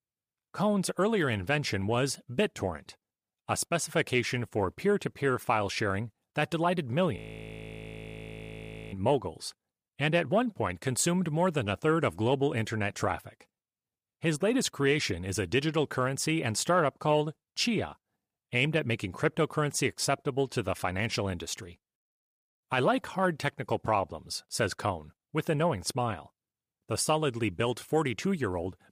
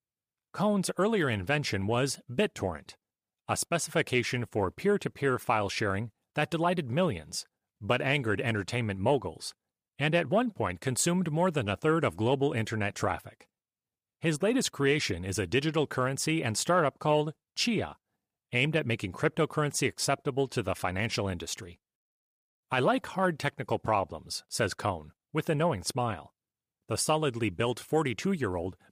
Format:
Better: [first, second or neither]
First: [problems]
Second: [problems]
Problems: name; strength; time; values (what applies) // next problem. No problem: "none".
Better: second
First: audio freezing; at 7 s for 2 s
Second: none